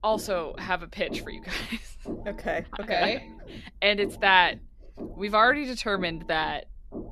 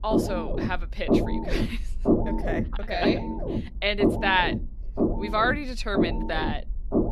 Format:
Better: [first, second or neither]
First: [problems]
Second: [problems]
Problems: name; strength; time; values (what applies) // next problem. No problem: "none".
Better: first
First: low rumble; faint; throughout; 20 dB below the speech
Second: low rumble; loud; throughout; 4 dB below the speech